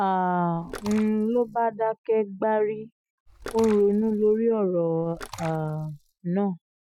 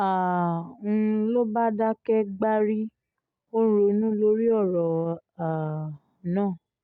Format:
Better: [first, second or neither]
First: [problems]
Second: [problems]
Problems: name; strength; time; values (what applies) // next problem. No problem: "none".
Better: second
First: noise reduction (classical method Wiener filter)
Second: none